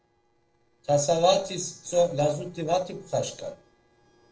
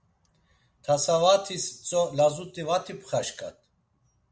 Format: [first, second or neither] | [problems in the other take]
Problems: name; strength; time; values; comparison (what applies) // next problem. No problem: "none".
second | noise reduction (neural separator model SepFormer DNS4)